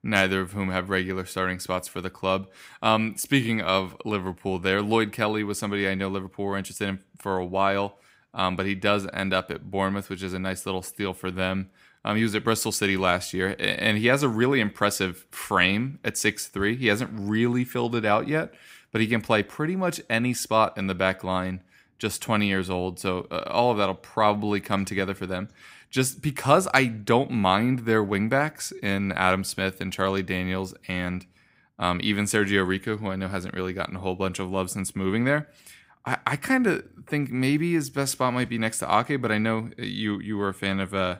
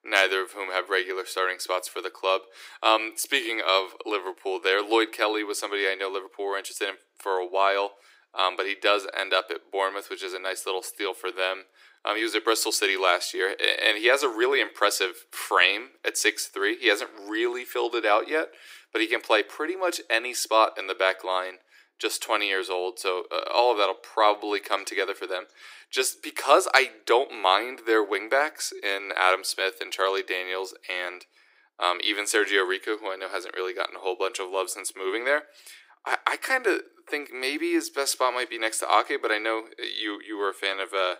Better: first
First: none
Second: thin; very; fading below 350 Hz

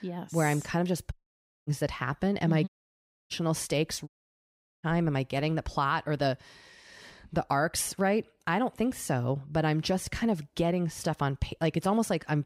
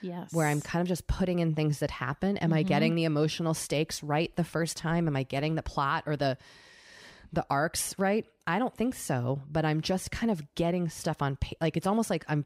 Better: second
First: audio cutting out; at 1 s for 0.5 s, at 2.5 s for 0.5 s and at 4 s for 1 s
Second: none

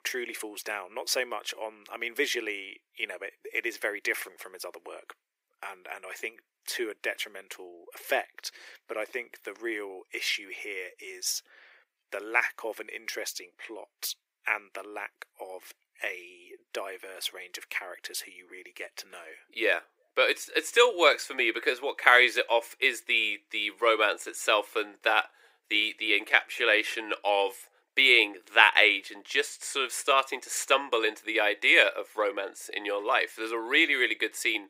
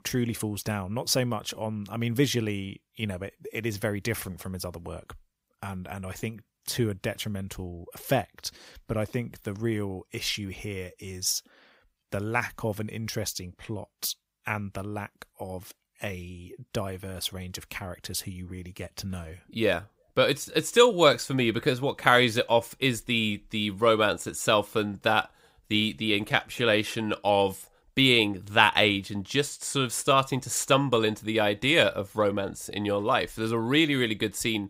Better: second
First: thin; very; fading below 350 Hz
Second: none

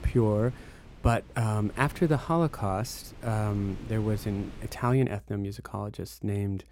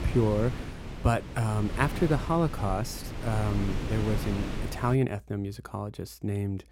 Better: first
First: wind noise on the microphone; occasional gusts; until 5 s; 20 dB below the speech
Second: wind noise on the microphone; heavy; until 5 s; 8 dB below the speech

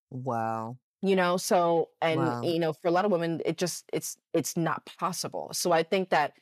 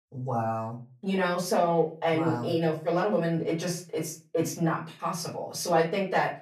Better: first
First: none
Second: off-mic speech; far // room echo; slight; dies away in 0.3 s

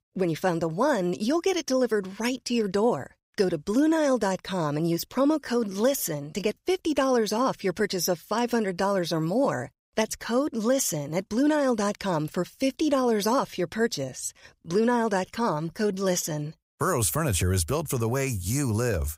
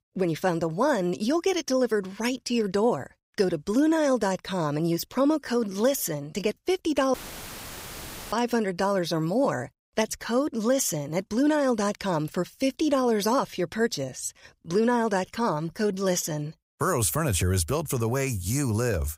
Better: first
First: none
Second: audio cutting out; filled with static; at 7 s for 1 s

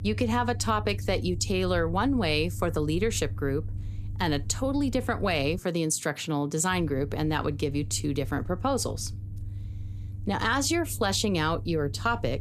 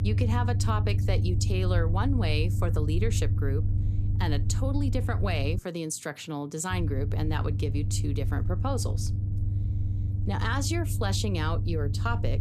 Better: first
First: low rumble; faint; until 5.5 s and from 6.5 s on; 25 dB below the speech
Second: low rumble; loud; until 5.5 s and from 6.5 s on; 9 dB below the speech

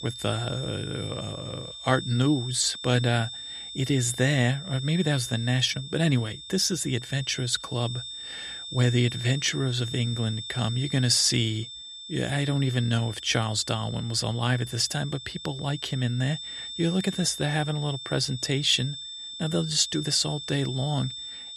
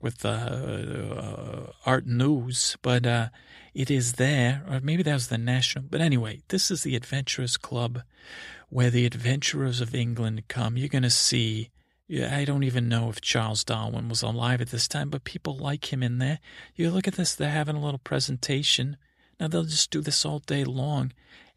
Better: second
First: high-pitched whine; loud; throughout; 3.5 kHz, 10 dB below the speech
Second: none

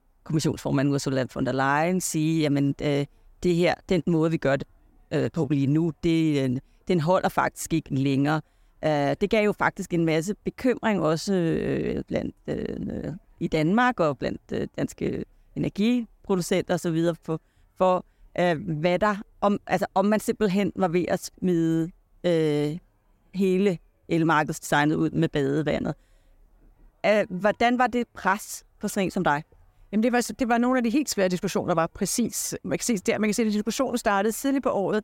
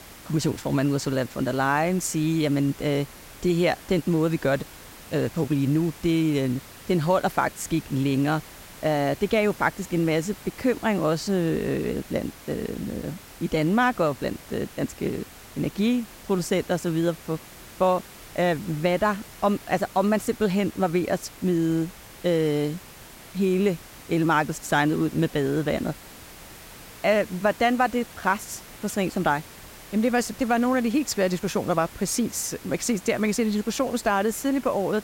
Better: first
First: none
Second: hiss; noticeable; throughout; 20 dB below the speech

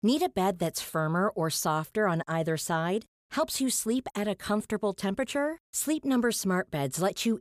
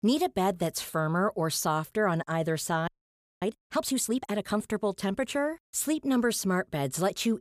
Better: first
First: none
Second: audio freezing; at 3 s for 0.5 s

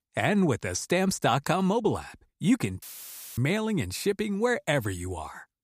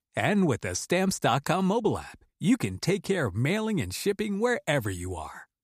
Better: second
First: audio cutting out; filled with static; at 3 s for 0.5 s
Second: none

